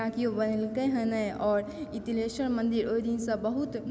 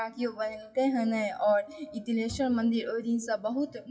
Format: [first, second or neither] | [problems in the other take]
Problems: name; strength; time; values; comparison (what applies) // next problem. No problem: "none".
first | noise reduction (classical method WPE with log-MMSE)